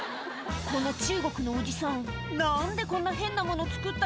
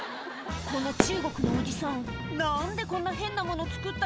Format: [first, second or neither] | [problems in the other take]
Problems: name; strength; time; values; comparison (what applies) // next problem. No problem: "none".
first | background sound (Fireworks); 2 dB below the speech